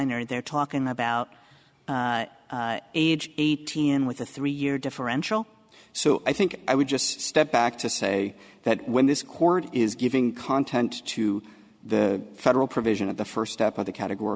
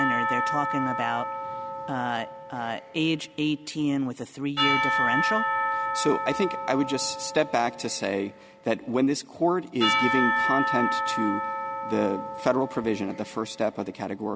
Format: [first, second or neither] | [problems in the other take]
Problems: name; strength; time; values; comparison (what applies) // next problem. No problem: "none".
first | background sound (Church bell / Percussion); 1 dB below the speech